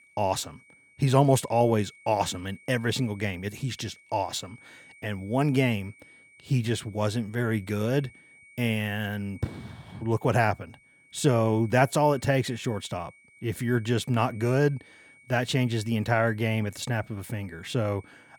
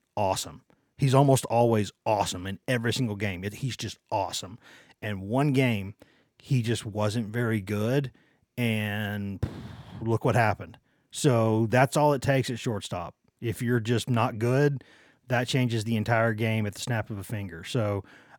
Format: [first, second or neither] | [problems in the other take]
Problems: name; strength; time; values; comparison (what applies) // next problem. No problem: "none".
second | high-pitched whine; faint; throughout; 2 kHz, 25 dB below the speech